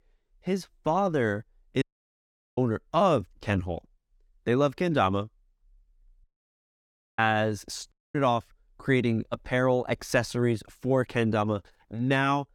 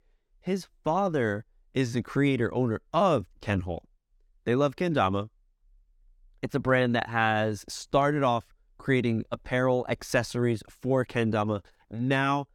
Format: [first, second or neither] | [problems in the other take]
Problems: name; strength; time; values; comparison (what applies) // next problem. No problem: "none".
second | audio cutting out; at 2 s for 0.5 s, at 6 s for 1 s and at 8 s